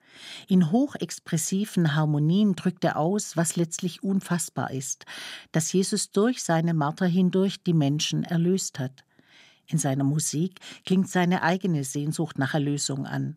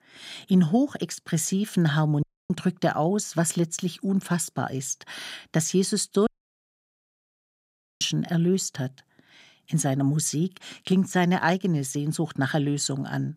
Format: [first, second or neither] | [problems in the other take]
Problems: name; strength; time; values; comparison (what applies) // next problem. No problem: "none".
first | audio cutting out; at 2 s and at 6.5 s for 1.5 s